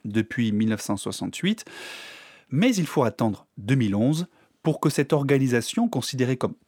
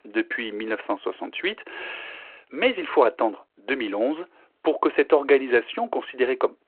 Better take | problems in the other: first | phone-call audio

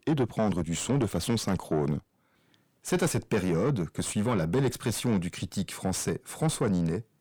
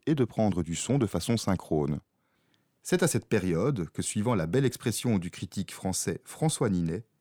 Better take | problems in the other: second | distortion; slight; 10 dB below the speech

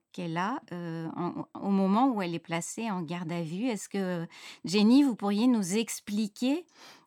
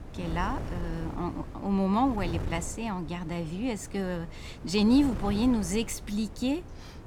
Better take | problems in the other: first | wind noise on the microphone; occasional gusts; 15 dB below the speech

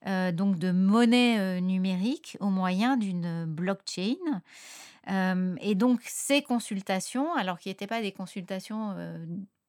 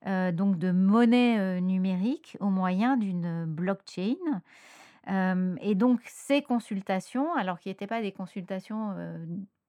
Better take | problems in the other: first | muffled; slightly; fading above 3 kHz

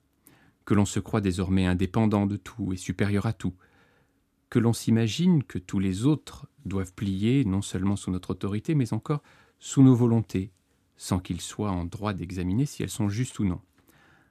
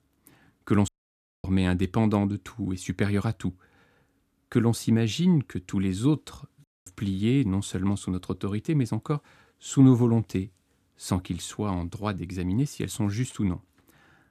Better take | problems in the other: first | audio cutting out; at 1 s for 0.5 s and at 6.5 s

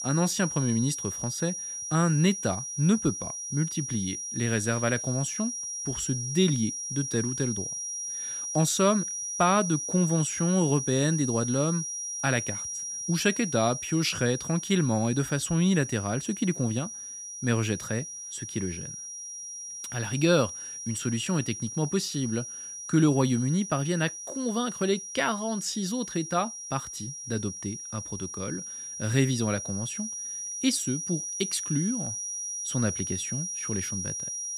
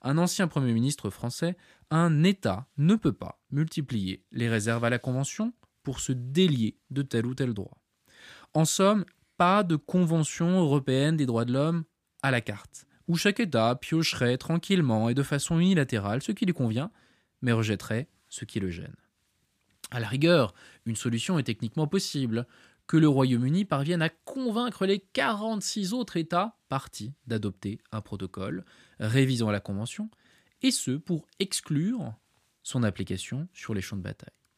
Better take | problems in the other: second | high-pitched whine; loud; throughout; 5.5 kHz, 5 dB below the speech

